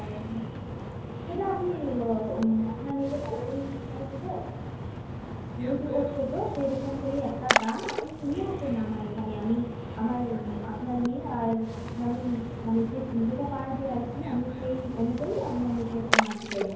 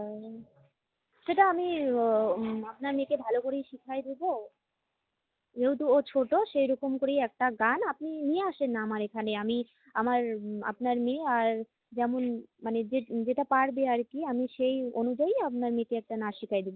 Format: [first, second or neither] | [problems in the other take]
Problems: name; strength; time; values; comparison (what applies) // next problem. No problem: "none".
second | background sound (Splash, splatter); 3 dB below the speech // room echo; dies away in 0.9 s